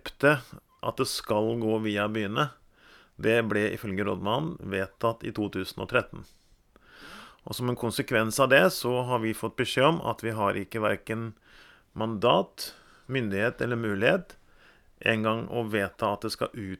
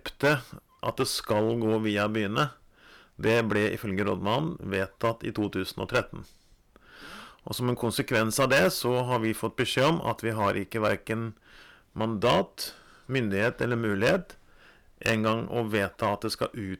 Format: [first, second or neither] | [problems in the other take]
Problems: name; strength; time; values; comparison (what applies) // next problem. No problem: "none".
first | distortion; slight; 3% of the sound clipped